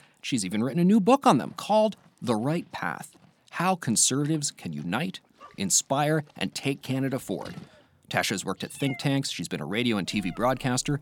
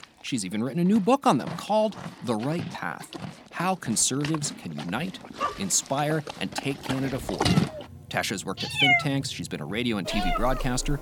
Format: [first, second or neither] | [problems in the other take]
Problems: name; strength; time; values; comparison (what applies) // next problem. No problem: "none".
first | animal sounds; loud; throughout; 2 dB below the speech; faint in the first